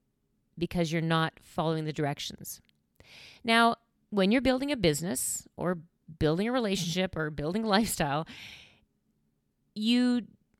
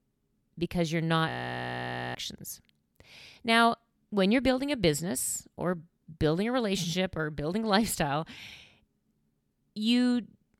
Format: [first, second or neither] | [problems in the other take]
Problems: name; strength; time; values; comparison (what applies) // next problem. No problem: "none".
first | audio freezing; at 1.5 s for 1 s